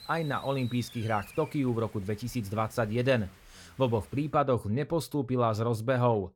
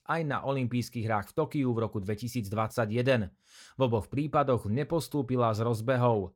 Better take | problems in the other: second | hiss; faint; until 4.5 s; 20 dB below the speech

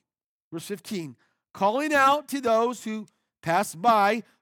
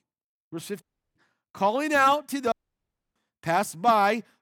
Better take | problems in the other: first | audio cutting out; at 1 s and at 2.5 s for 0.5 s

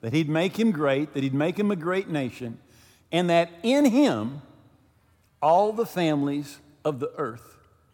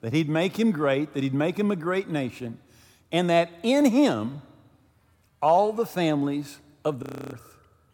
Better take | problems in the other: first | audio freezing; at 7 s

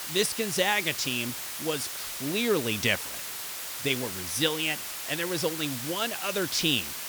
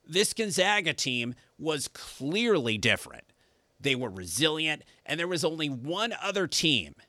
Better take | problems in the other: second | hiss; loud; throughout; 5 dB below the speech

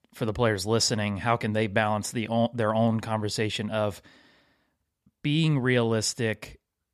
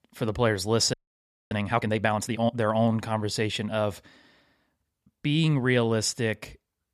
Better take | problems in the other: first | audio freezing; at 1 s for 0.5 s

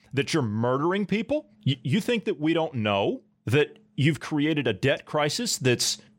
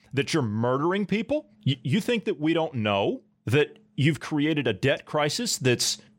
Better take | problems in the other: neither | none

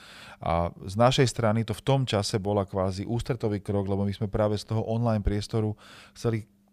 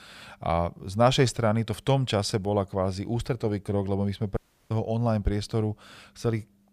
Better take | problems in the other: first | audio cutting out; at 4.5 s

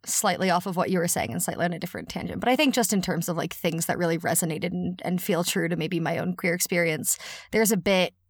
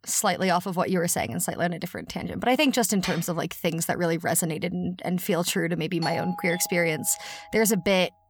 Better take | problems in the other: first | clattering dishes; noticeable; at 3 s; peak 10 dB below the speech // doorbell; noticeable; from 6 to 7.5 s; peak 8 dB below the speech

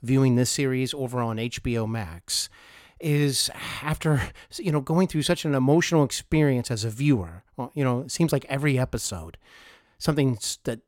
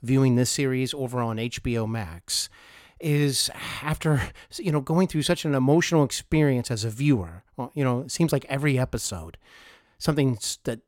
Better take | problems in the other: neither | none

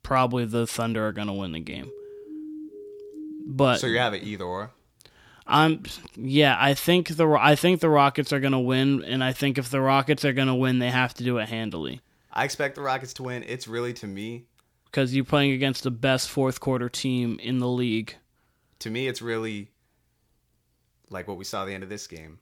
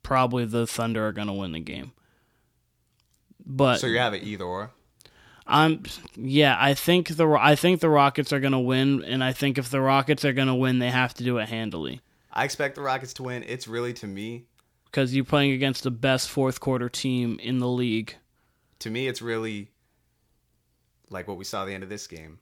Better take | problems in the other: second | siren; faint; from 2 to 3.5 s; peak 15 dB below the speech

